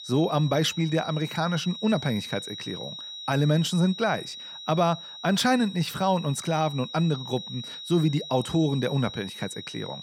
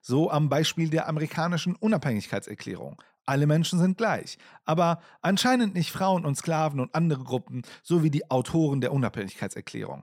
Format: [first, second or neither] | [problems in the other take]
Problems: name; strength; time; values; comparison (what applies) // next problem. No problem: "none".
second | high-pitched whine; noticeable; throughout; 4 kHz, 10 dB below the speech